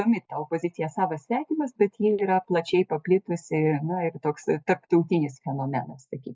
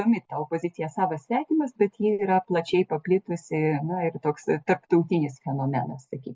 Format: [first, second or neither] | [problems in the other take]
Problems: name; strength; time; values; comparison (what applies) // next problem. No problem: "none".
second | noise reduction (neural mask model DeepFilterNet 3)